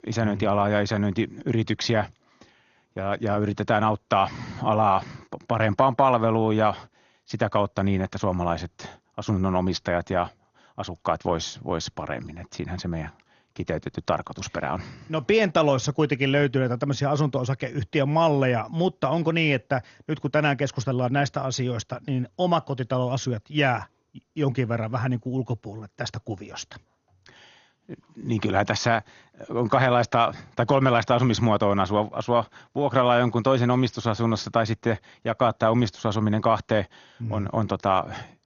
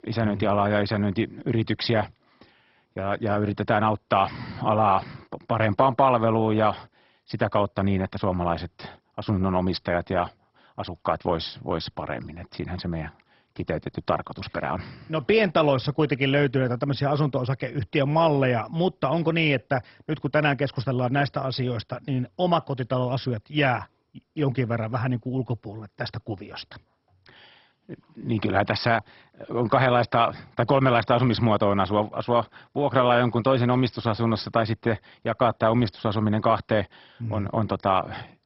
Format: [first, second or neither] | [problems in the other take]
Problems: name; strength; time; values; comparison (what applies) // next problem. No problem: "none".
first | garbled, watery; badly; nothing above 5.5 kHz; slightly in the first